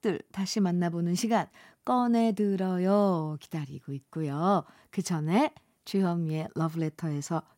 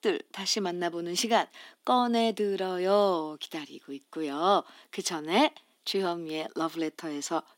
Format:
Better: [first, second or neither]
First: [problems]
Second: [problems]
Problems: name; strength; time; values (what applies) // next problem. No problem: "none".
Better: first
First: none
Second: thin; somewhat; fading below 250 Hz